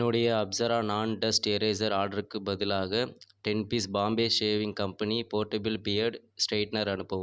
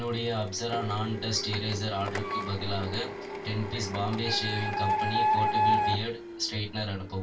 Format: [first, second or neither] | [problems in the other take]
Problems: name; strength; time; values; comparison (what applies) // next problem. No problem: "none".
first | background sound (Printer); as loud as the speech // room echo; dies away in 0.2 s